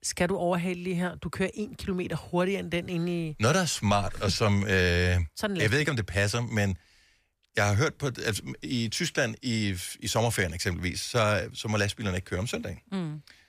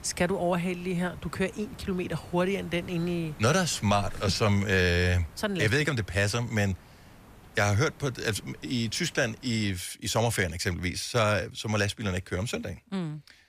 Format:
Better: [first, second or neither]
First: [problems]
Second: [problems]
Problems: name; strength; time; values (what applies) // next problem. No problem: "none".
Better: first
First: none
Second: hiss; faint; until 9.5 s; 20 dB below the speech